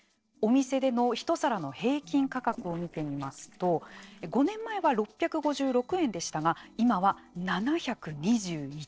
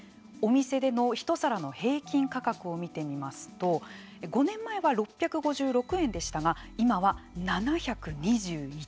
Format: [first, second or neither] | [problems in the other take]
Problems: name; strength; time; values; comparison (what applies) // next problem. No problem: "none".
second | noise reduction (neural separator model SepFormer DNS4)